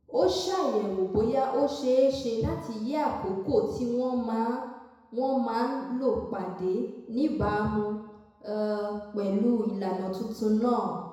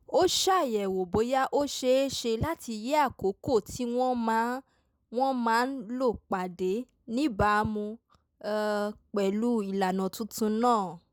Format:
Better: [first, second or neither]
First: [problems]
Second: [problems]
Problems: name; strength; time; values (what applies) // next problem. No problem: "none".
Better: second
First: room echo; dies away in 1 s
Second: none